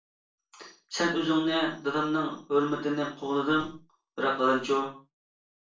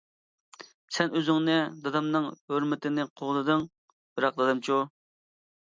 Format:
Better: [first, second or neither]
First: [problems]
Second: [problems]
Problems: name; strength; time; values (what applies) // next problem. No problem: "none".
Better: second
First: room echo; dies away in 0.3 s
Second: none